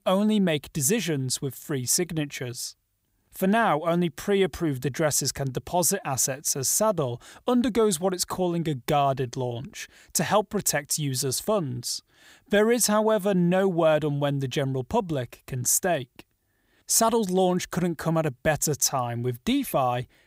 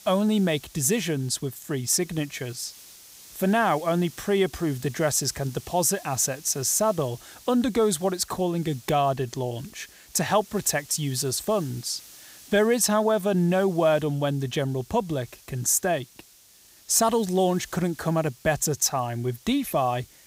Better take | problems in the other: first | hiss; faint; throughout; 20 dB below the speech

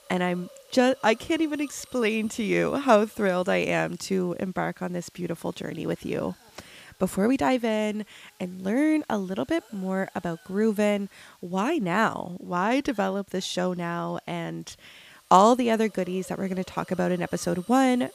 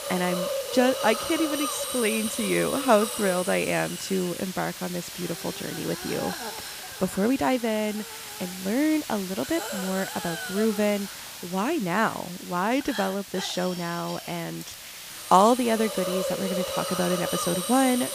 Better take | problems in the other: first | hiss; loud; throughout; 6 dB below the speech; faint in the first

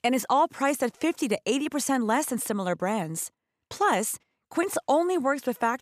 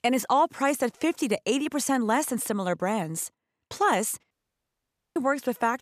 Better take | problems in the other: first | audio cutting out; at 4.5 s for 1 s

